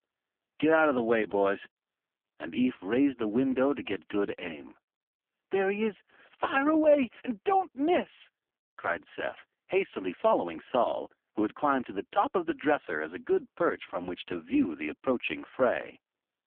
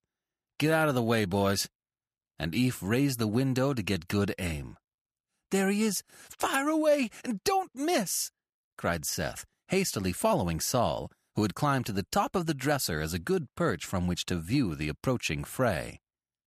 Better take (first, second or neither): second